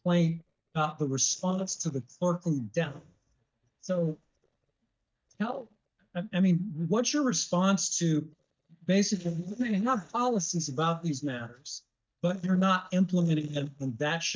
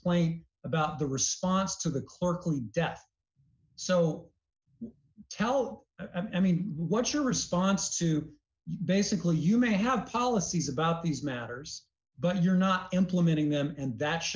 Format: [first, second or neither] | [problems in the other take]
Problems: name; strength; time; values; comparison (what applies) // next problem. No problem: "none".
second | noise reduction (neural mask model DeepFilterNet 3)